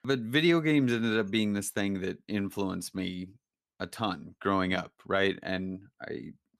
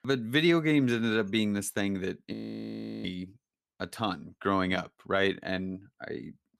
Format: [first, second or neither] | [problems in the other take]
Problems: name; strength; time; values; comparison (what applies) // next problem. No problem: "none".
first | audio freezing; at 2.5 s for 0.5 s